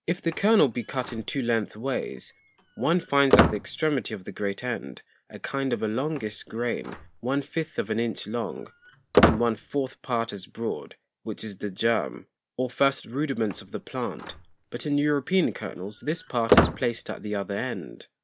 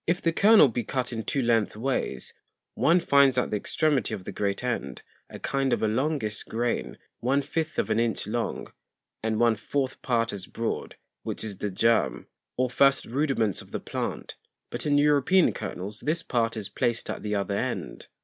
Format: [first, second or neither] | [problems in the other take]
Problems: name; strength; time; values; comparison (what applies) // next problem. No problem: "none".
second | background sound (Squeak); 2 dB below the speech